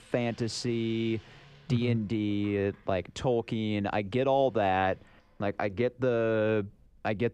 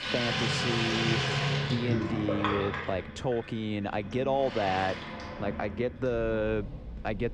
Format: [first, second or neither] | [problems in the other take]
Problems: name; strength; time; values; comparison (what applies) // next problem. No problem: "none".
first | household noises; loud; throughout; as loud as the speech; faint in the first